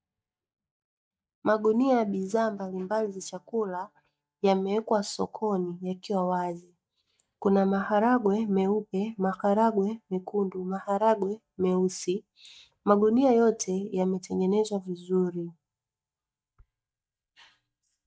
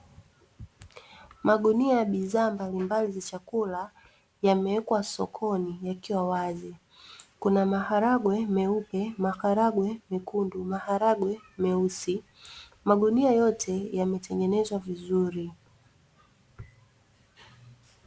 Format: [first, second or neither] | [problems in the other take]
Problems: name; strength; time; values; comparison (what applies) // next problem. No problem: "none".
second | noise reduction (neural mask model DeepFilterNet 3)